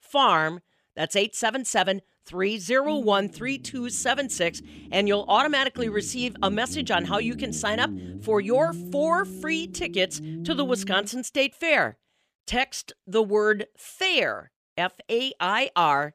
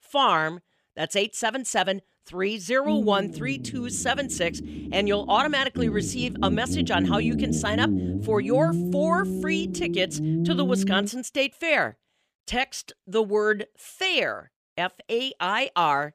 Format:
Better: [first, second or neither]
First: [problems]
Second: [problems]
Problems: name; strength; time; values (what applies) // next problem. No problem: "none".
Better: first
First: low rumble; faint; from 3 to 11 s; 20 dB below the speech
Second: low rumble; loud; from 3 to 11 s; 9 dB below the speech